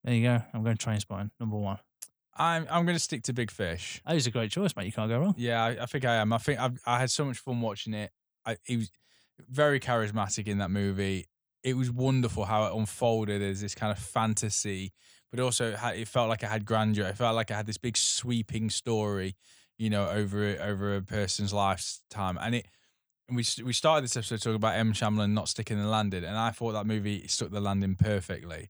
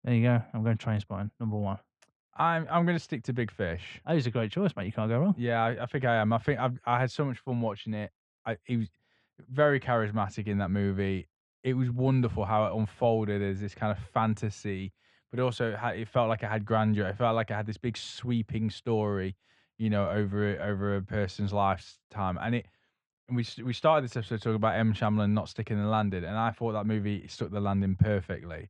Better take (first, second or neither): first